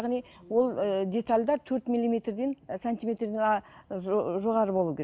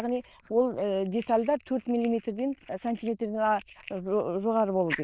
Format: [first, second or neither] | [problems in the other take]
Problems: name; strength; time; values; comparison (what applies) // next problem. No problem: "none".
first | noise reduction (neural diffusion model UNIVERSE++)